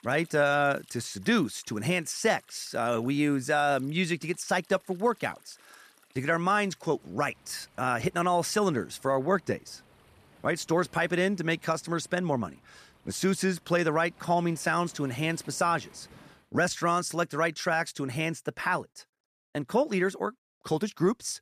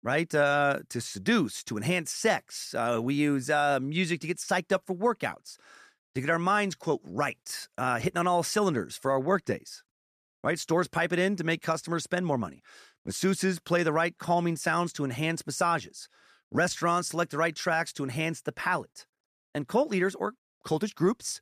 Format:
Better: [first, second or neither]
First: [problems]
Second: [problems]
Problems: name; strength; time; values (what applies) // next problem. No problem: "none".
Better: second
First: rain or running water; faint; until 16 s; 30 dB below the speech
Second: none